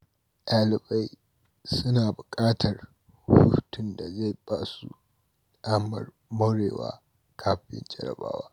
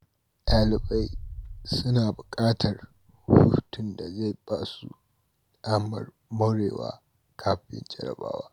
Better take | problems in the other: first | background sound (Boom); 6 dB below the speech

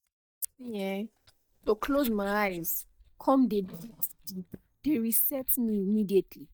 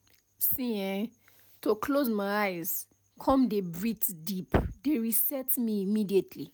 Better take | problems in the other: second | noise reduction (neural mask model DeepFilterNet 3)

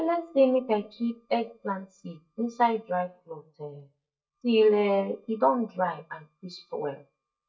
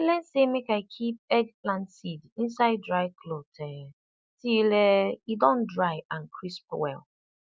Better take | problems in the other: second | noise reduction (neural mask model DeepFilterNet 3)

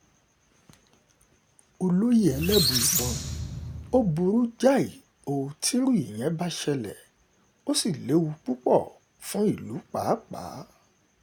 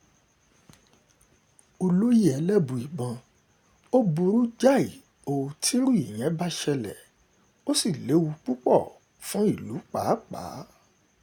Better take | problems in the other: second | background sound (Squeak); 3 dB below the speech

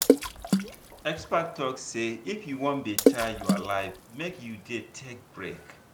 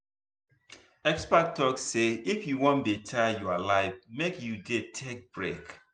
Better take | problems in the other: second | background sound (Water / Splash, splatter); 3 dB above the speech

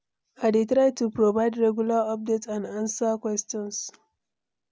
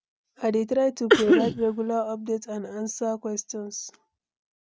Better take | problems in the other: first | noise reduction (neural mask model RNNoise)

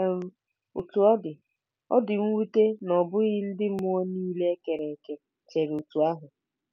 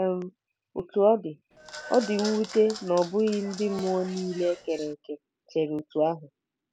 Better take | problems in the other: first | background sound (Applause / Clapping); 14 dB below the speech

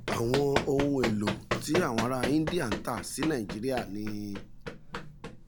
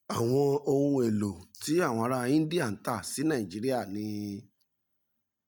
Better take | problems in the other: second | background sound (Run); 4 dB below the speech

